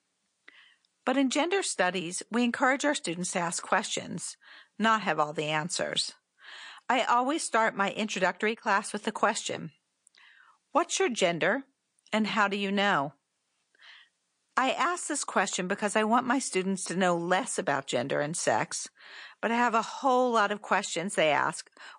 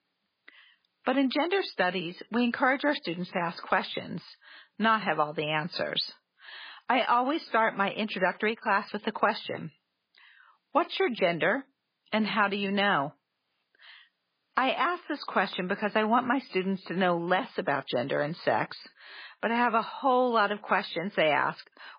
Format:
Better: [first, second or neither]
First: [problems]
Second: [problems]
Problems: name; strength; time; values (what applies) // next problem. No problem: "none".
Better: first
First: garbled, watery; slightly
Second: garbled, watery; badly; nothing above 4.5 kHz